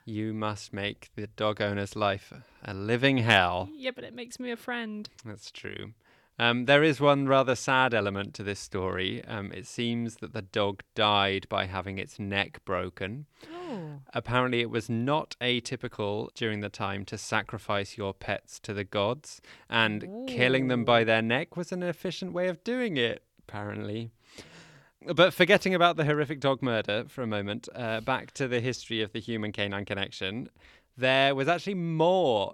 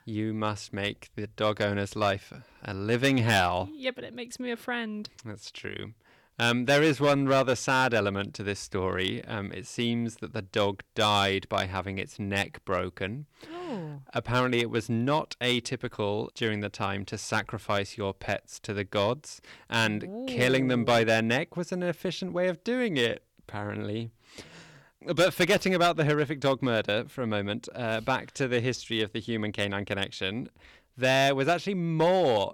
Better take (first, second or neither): first